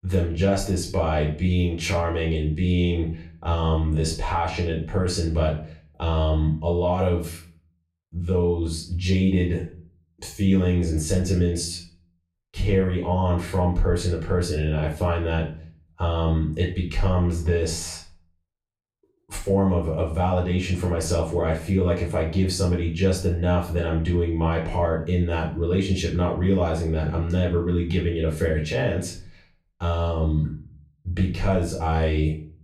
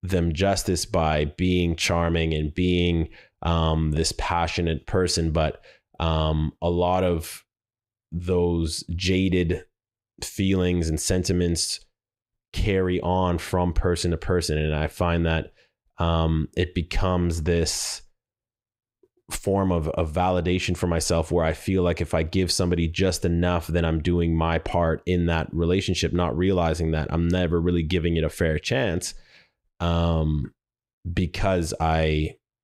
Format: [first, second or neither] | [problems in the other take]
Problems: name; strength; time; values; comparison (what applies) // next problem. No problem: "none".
second | off-mic speech; far // room echo; slight; dies away in 0.4 s